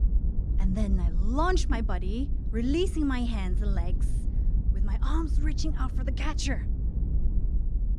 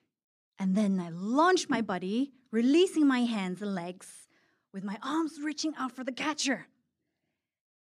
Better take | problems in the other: second | low rumble; noticeable; throughout; 15 dB below the speech

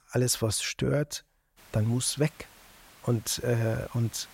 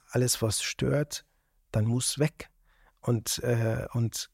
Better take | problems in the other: second | hiss; faint; from 1.5 s on; 25 dB below the speech

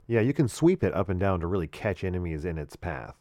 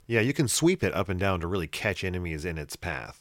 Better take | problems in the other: second | muffled; slightly; fading above 2 kHz

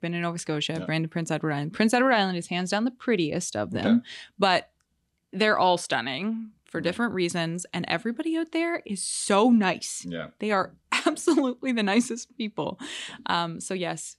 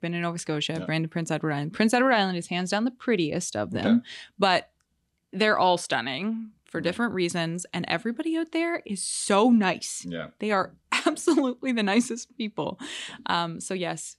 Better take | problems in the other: neither | none

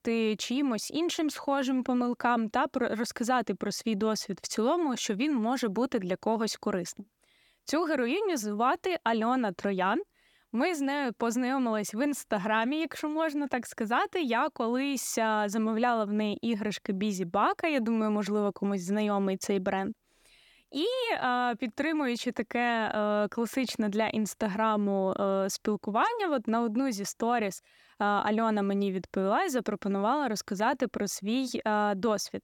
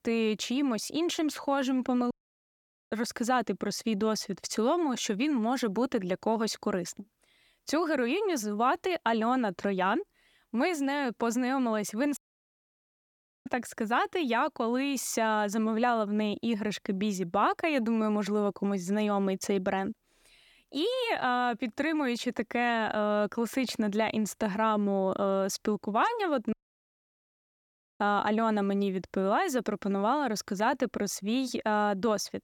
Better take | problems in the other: first | audio cutting out; at 2 s for 1 s, at 12 s for 1.5 s and at 27 s for 1.5 s

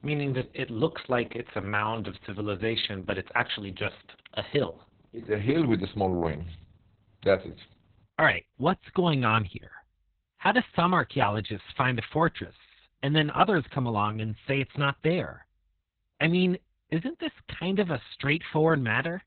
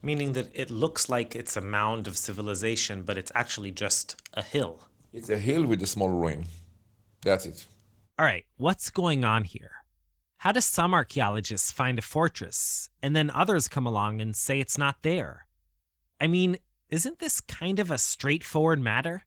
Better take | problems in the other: second | garbled, watery; badly; nothing above 4 kHz; slightly in the second

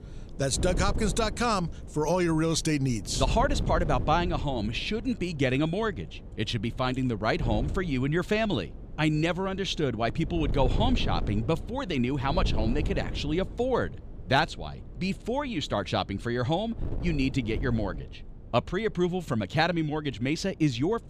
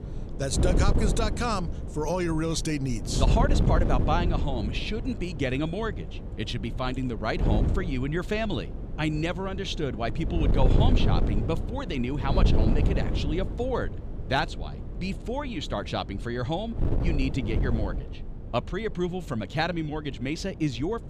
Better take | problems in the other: first | wind noise on the microphone; heavy; 7 dB below the speech; occasional gusts in the first

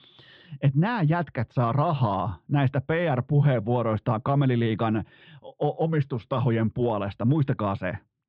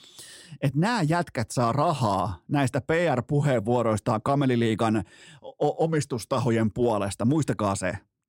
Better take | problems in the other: second | muffled; very; fading above 3.5 kHz

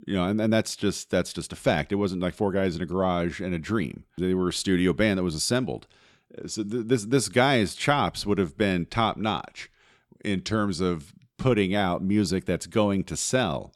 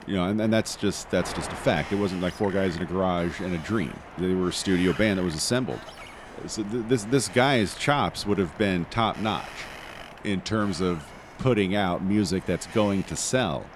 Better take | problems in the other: first | wind noise on the microphone; occasional gusts; 10 dB below the speech

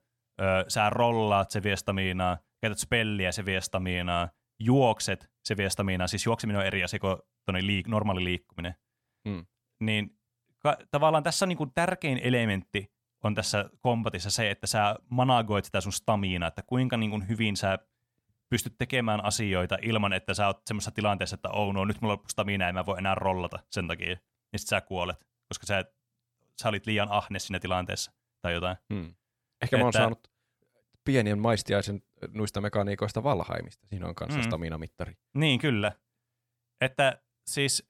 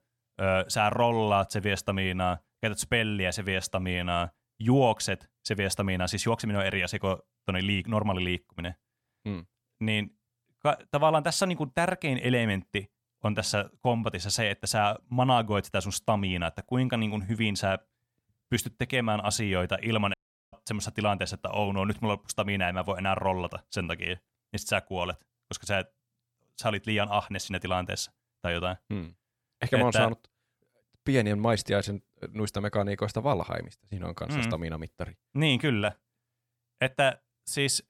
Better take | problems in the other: first | audio cutting out; at 20 s

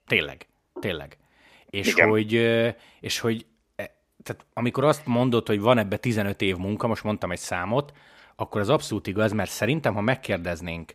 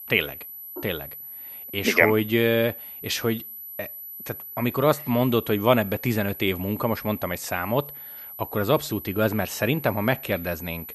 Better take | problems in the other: first | high-pitched whine; noticeable; throughout; 12 kHz, 10 dB below the speech

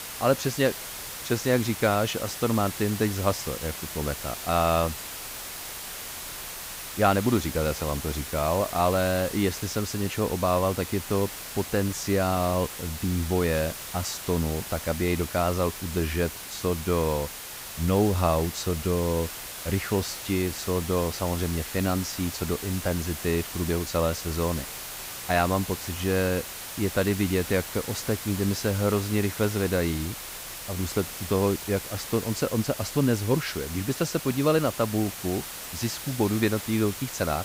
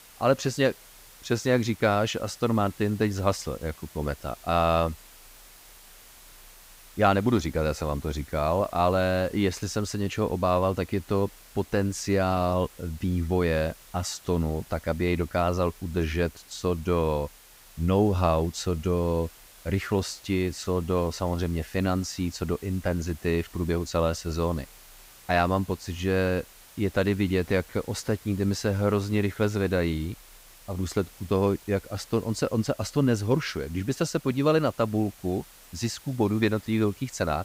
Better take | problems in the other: second | hiss; loud; throughout; 8 dB below the speech; faint in the second

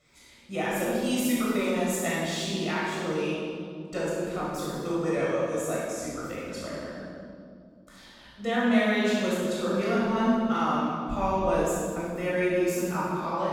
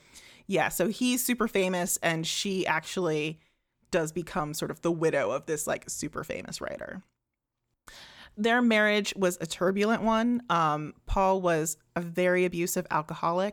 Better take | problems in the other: second | room echo; strong; dies away in 2 s // off-mic speech; far

